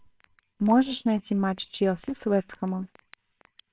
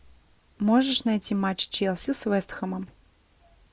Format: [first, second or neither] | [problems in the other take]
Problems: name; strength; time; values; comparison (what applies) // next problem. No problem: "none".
second | noise reduction (neural separator model SepFormer WHAMR!)